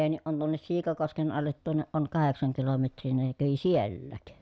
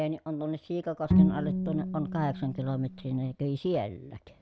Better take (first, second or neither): first